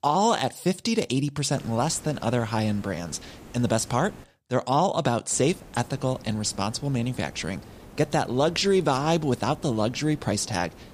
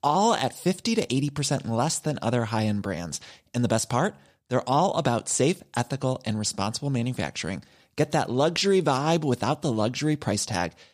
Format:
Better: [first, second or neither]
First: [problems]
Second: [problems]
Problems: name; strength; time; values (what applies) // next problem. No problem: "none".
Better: second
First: hiss; faint; from 1.5 to 4 s and from 5.5 s on; 20 dB below the speech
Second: none